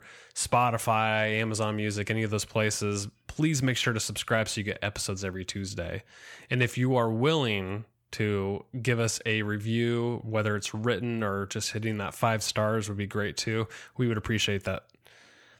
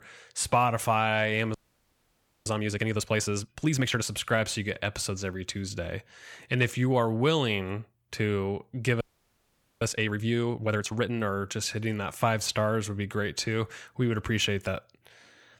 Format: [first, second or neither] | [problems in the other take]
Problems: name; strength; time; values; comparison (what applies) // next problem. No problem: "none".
first | audio freezing; at 1.5 s for 1 s and at 9 s for 1 s